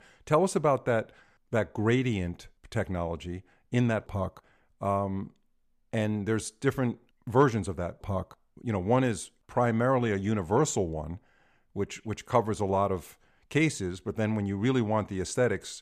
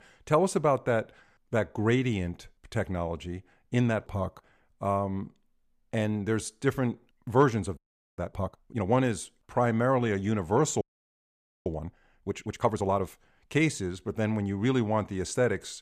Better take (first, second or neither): first